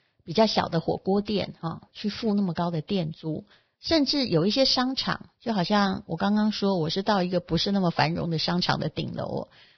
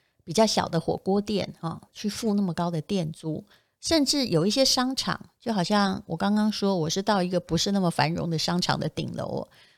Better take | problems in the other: second | garbled, watery; badly; nothing above 5.5 kHz

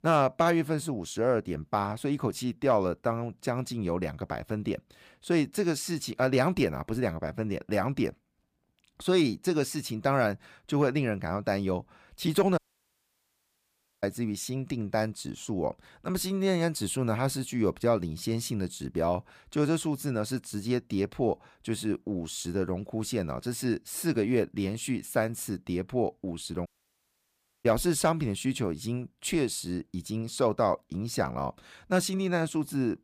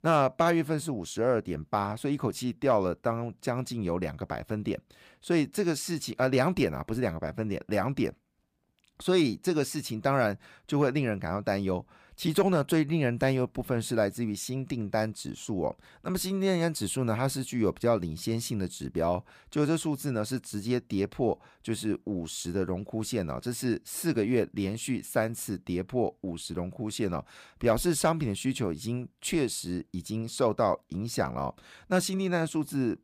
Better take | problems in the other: second | audio cutting out; at 13 s for 1.5 s and at 27 s for 1 s

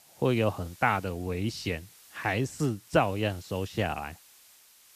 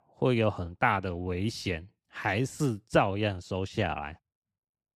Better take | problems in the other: second | hiss; faint; throughout; 25 dB below the speech

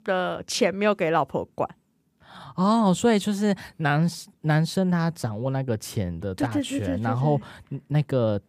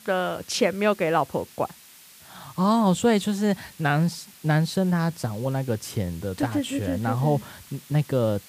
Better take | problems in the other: first | hiss; faint; throughout; 20 dB below the speech

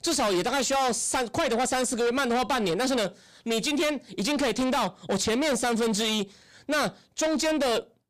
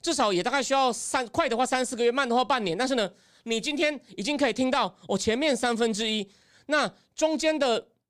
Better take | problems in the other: second | distortion; heavy; 6 dB below the speech

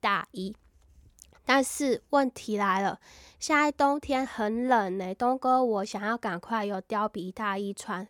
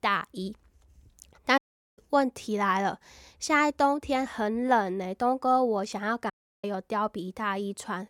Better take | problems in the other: first | audio cutting out; at 1.5 s and at 6.5 s

